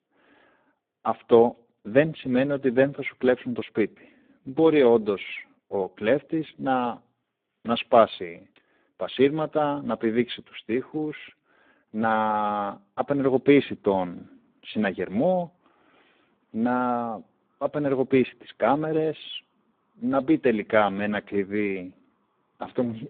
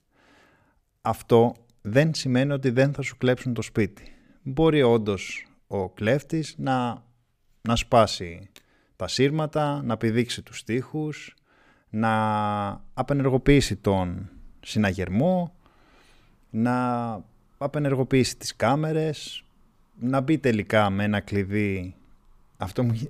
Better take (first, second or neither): second